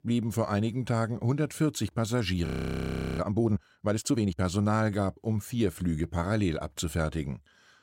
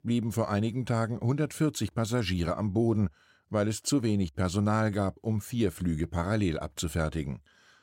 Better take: second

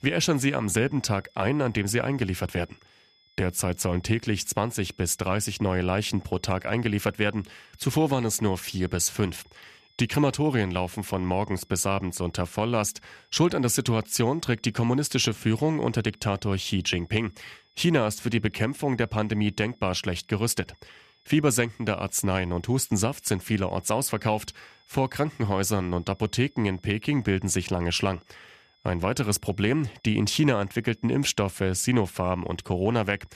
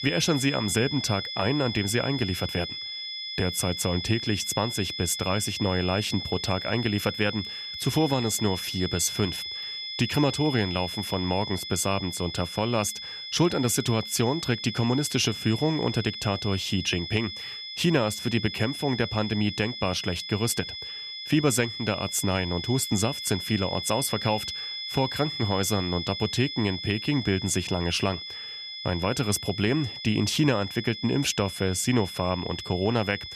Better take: first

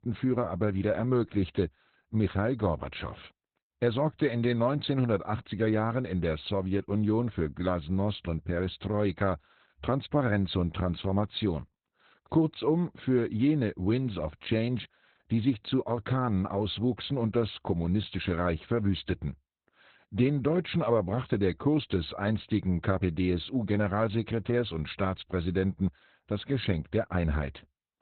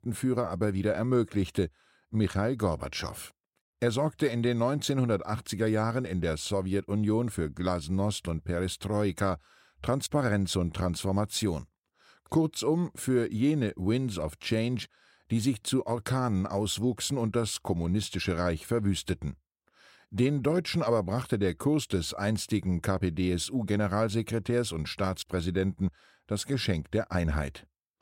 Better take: second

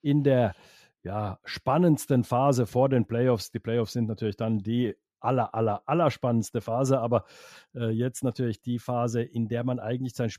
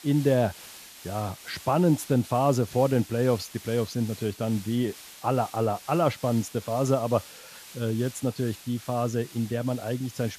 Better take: first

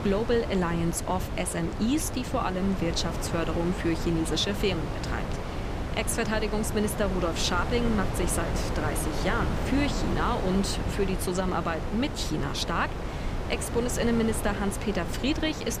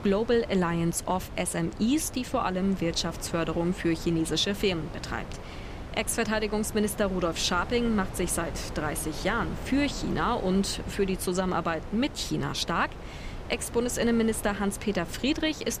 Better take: second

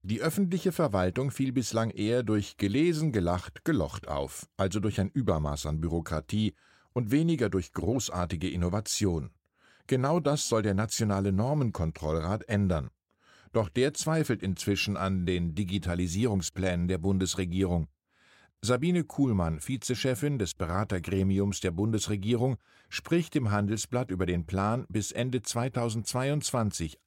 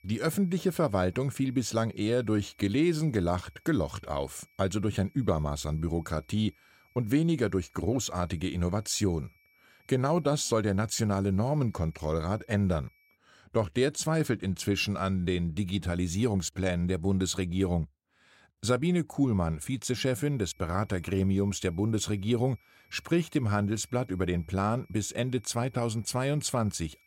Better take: first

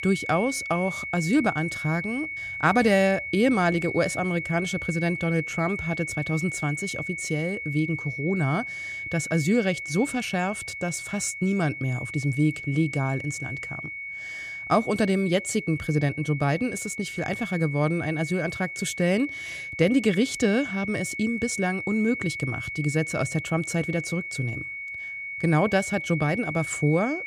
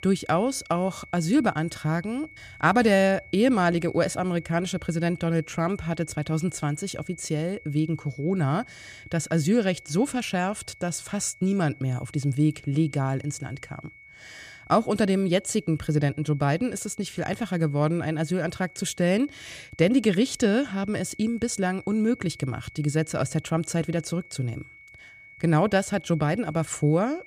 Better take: second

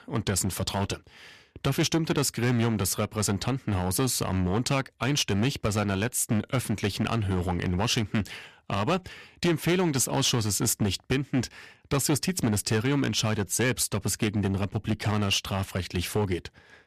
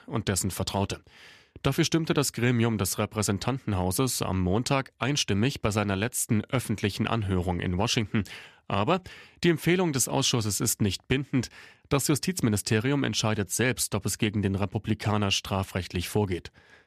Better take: second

